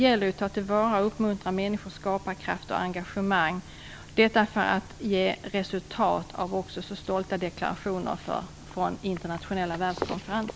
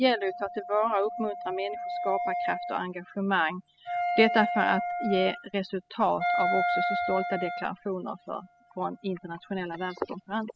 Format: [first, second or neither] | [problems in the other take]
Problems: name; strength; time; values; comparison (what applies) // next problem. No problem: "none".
first | noise reduction (classical method spectral subtraction)